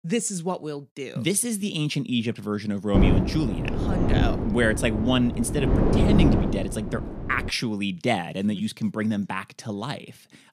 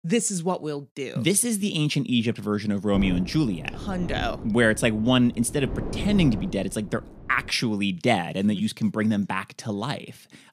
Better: second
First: wind noise on the microphone; heavy; from 3 to 7.5 s; 2 dB below the speech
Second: wind noise on the microphone; occasional gusts; from 3 to 7.5 s; 15 dB below the speech

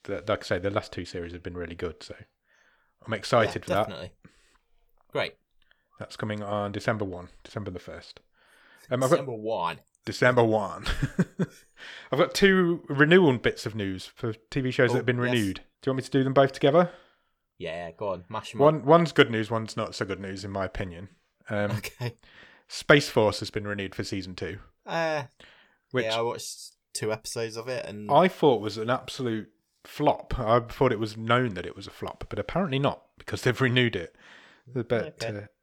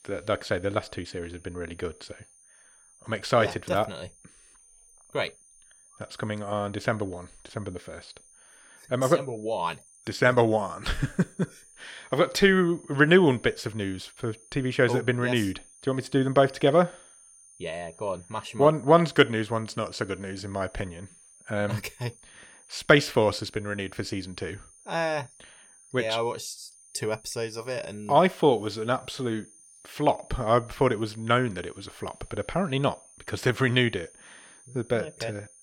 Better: first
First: none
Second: high-pitched whine; faint; throughout; 9 kHz, 25 dB below the speech

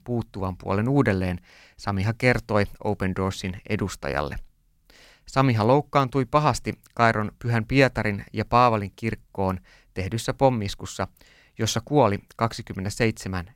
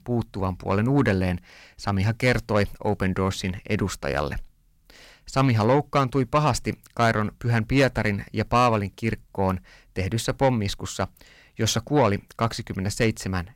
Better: first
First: none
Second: distortion; slight; 10 dB below the speech

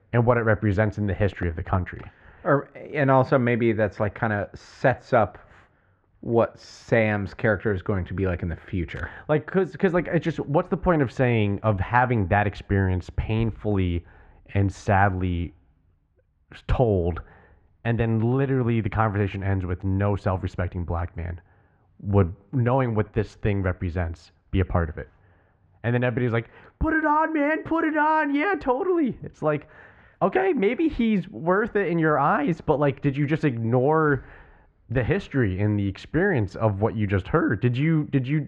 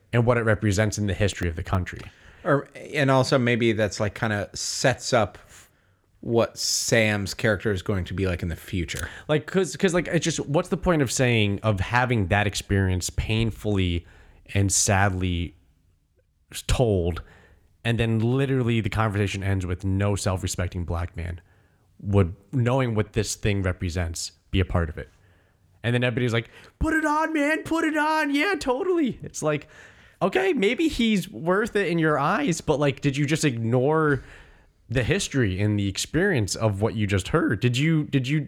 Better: second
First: muffled; very; fading above 1.5 kHz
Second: none

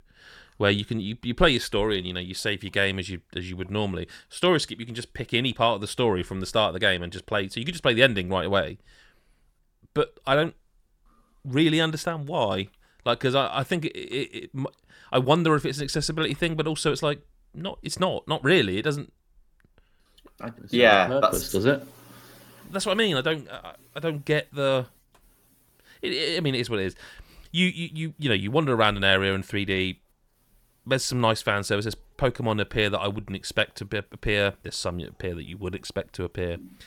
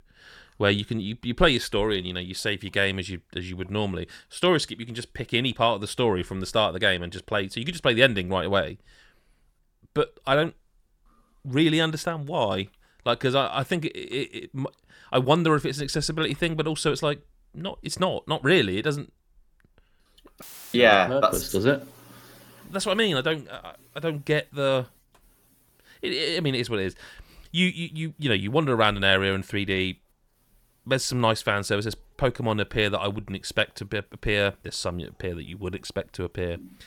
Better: first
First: none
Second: audio cutting out; filled with static; at 20 s

